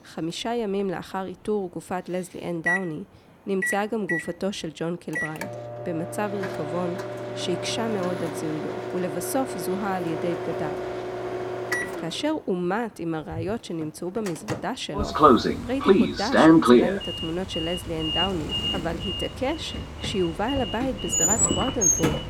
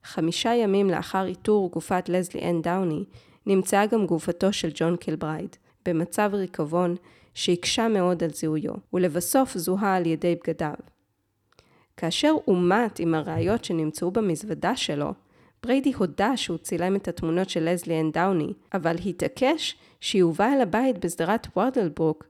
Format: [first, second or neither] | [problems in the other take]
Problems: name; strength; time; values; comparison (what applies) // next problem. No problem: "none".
second | household noises; very loud; throughout; 5 dB above the speech